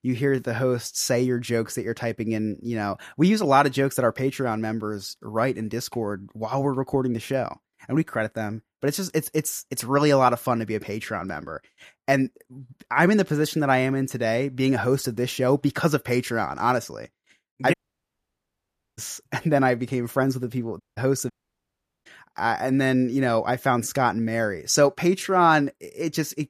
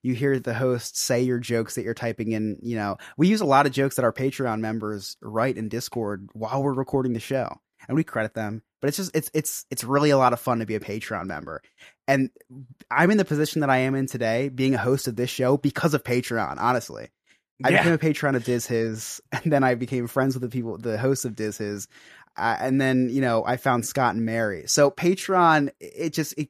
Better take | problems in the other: second | audio cutting out; at 18 s for 1 s and at 21 s for 1 s

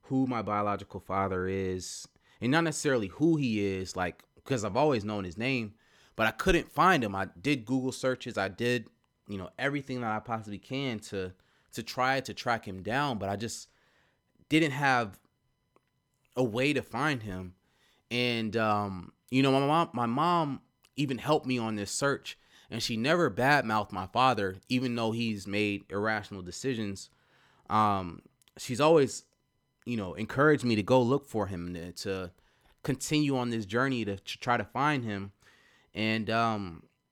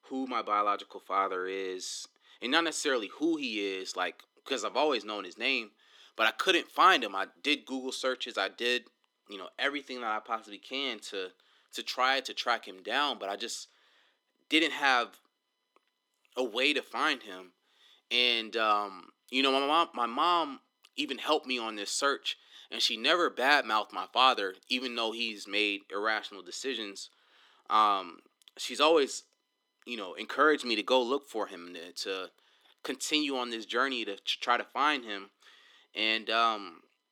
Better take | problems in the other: first | thin; somewhat; fading below 300 Hz

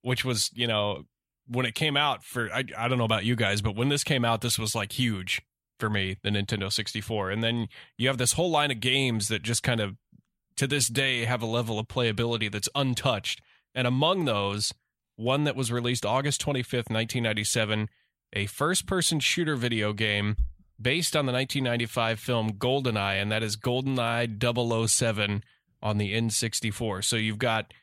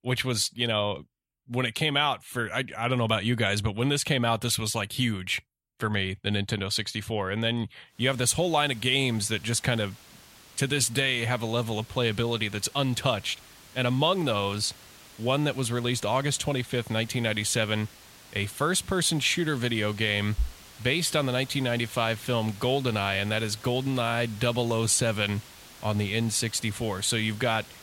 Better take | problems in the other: first | hiss; faint; from 8 s on; 20 dB below the speech

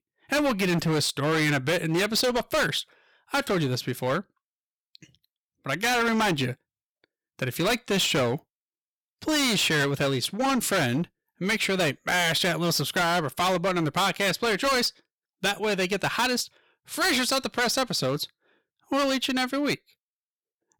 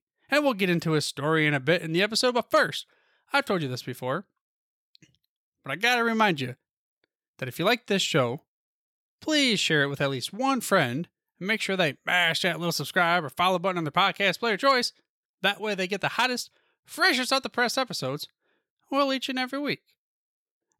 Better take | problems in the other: second | distortion; heavy; 16% of the sound clipped

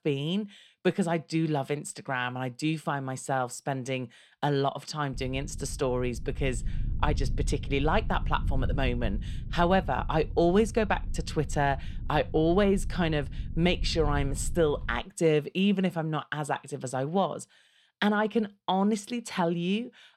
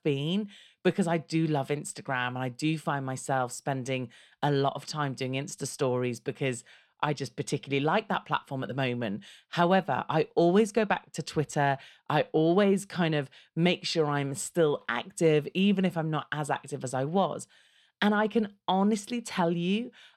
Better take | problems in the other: second | low rumble; faint; from 5 to 15 s; 20 dB below the speech

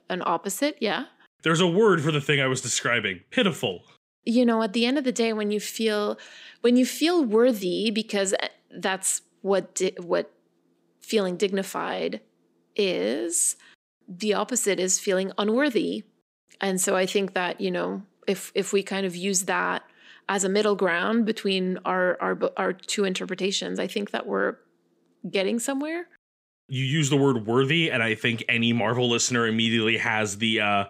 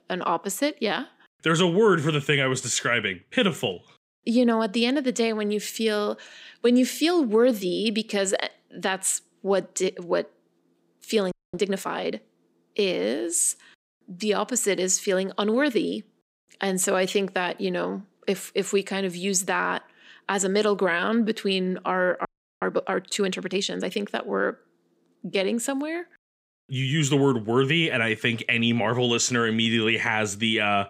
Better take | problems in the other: first | audio freezing; at 11 s and at 22 s

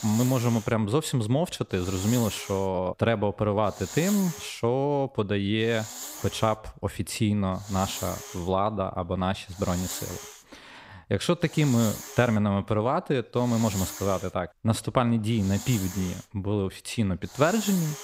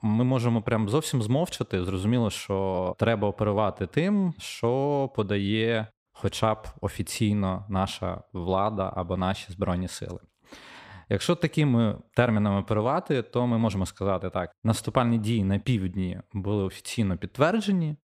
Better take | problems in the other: second | hiss; noticeable; throughout; 10 dB below the speech

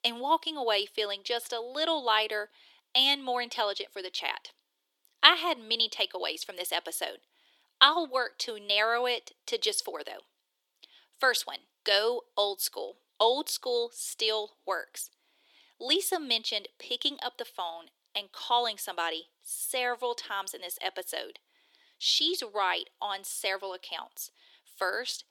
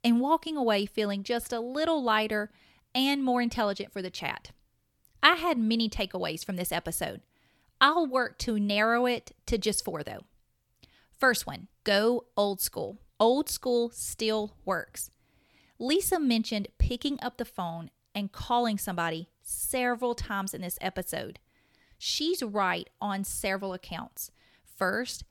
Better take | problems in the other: second | thin; very; fading below 350 Hz

